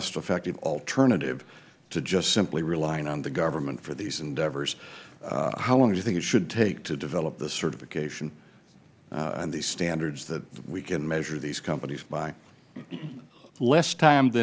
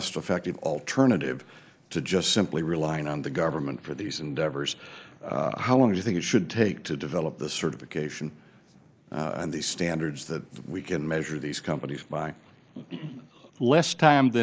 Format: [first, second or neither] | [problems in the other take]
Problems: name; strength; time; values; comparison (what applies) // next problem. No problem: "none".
first | noise reduction (neural mask model Resemble Enhance denoiser)